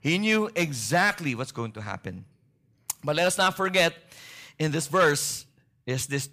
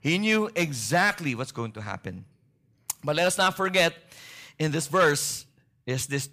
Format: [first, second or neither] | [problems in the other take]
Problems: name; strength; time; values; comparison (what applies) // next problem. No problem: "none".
neither | distortion; slight; 1.5% of the sound clipped; the same in both